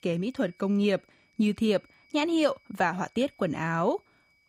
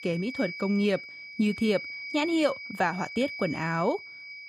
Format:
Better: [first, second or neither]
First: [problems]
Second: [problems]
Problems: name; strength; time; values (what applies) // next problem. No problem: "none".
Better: first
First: high-pitched whine; faint; throughout; 2.5 kHz, 35 dB below the speech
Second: high-pitched whine; loud; throughout; 2.5 kHz, 9 dB below the speech